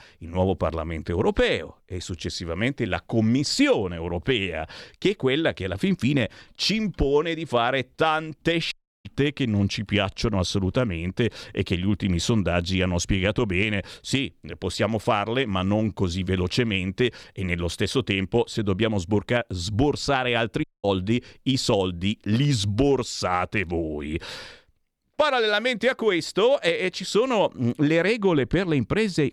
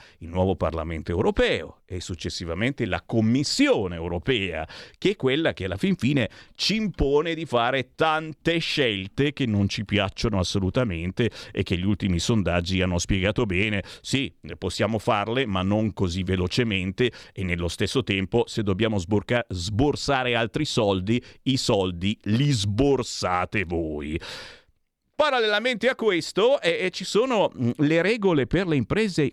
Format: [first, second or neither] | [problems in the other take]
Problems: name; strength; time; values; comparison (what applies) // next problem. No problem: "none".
second | audio cutting out; at 8.5 s and at 21 s